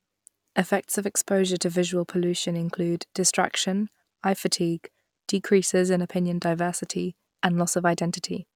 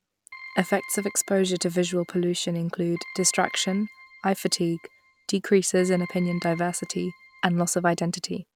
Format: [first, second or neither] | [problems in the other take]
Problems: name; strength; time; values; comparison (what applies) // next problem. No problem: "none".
first | background sound (Keyboard (musical)); 19 dB below the speech